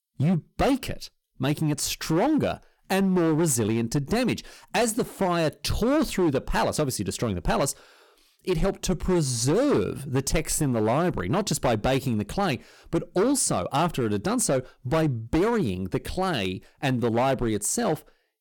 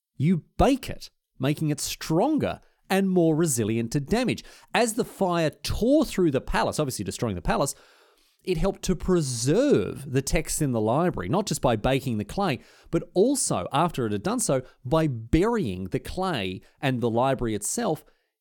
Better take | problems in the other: second | distortion; slight; 11% of the sound clipped

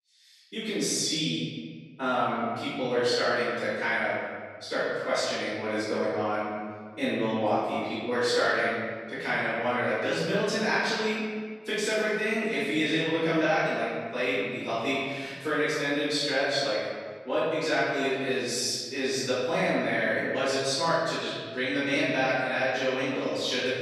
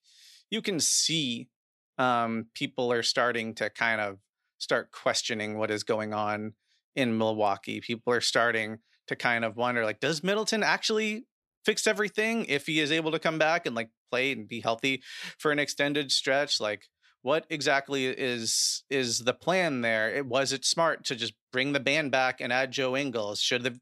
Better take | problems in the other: second | off-mic speech; far // room echo; strong; dies away in 1.6 s

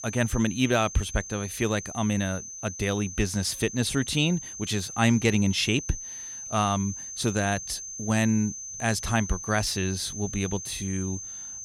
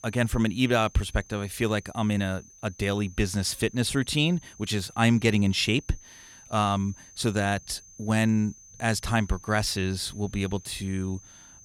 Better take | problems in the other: second | high-pitched whine; loud; throughout; 6.5 kHz, 9 dB below the speech; faint in the second

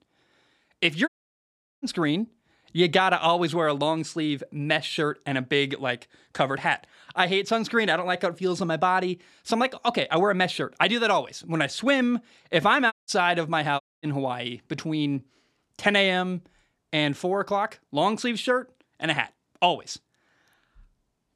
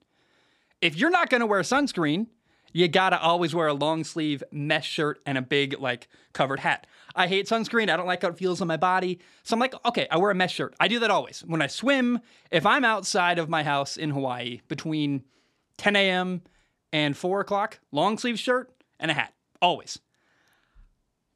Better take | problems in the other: second | audio cutting out; at 1 s for 0.5 s, at 13 s and at 14 s

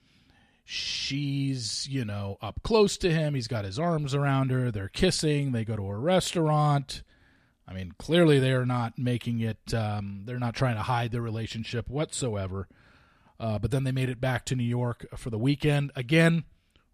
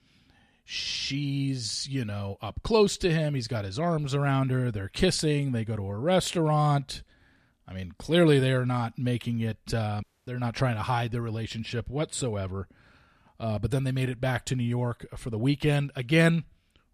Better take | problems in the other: first | audio cutting out; at 10 s

